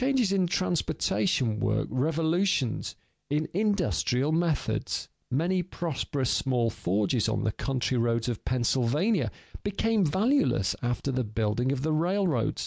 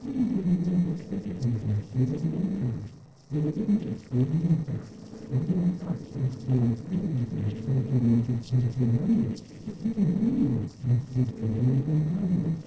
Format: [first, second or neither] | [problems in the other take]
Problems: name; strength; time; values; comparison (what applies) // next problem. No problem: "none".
first | noise reduction (neural separator model SepFormer DNS4)